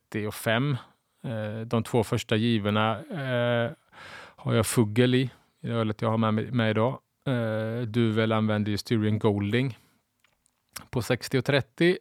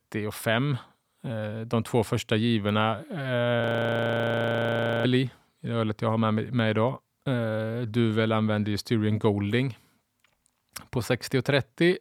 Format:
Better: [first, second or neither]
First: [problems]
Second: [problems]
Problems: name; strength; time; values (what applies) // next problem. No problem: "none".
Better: first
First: none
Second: audio freezing; at 3.5 s for 1.5 s